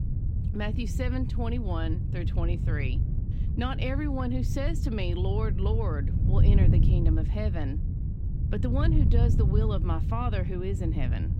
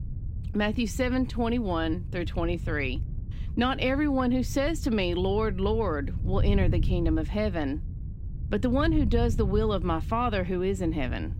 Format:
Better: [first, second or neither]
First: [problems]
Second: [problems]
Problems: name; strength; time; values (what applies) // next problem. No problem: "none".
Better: second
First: wind noise on the microphone; heavy; 6 dB below the speech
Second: wind noise on the microphone; occasional gusts; 20 dB below the speech